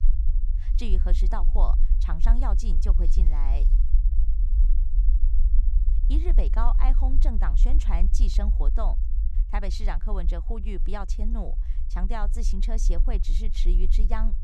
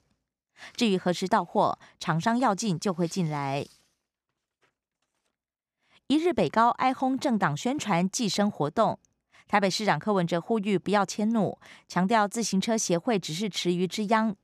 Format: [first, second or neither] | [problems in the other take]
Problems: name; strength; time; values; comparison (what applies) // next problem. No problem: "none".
second | low rumble; noticeable; throughout; 10 dB below the speech